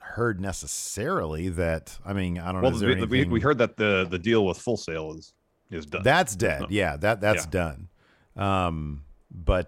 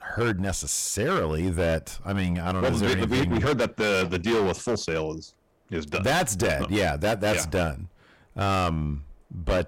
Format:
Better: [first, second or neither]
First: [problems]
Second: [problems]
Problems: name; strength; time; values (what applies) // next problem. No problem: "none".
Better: first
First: none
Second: distortion; heavy; 15% of the sound clipped